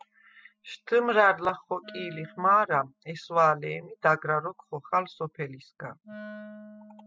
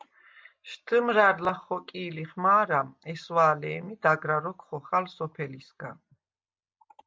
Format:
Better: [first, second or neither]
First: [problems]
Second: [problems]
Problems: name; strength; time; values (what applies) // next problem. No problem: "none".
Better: second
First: noise reduction (classical method spectral subtraction)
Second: none